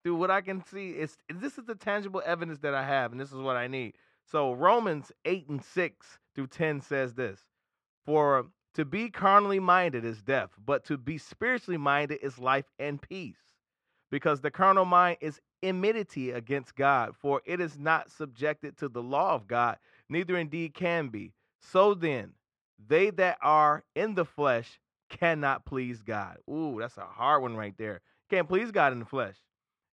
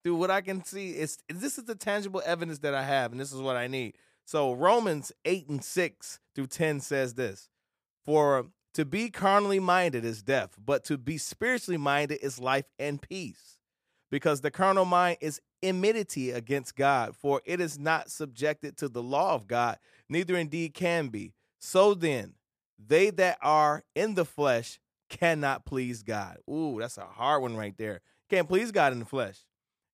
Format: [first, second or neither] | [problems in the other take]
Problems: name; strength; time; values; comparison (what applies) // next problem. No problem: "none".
second | muffled; slightly; fading above 2.5 kHz